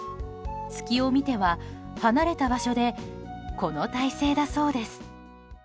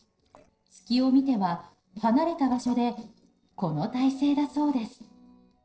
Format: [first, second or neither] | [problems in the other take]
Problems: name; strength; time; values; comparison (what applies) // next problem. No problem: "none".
first | noise reduction (neural separator model SepFormer DNS4)